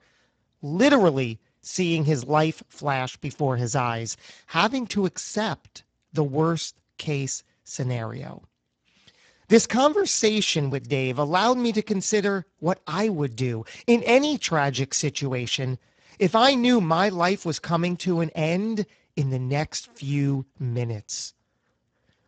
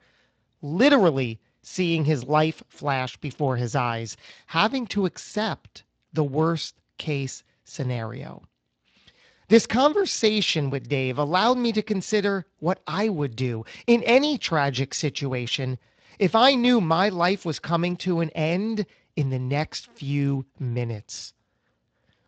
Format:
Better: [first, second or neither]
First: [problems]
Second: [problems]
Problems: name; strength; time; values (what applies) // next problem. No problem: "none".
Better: second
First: garbled, watery; badly; nothing above 7.5 kHz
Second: garbled, watery; slightly; nothing above 7.5 kHz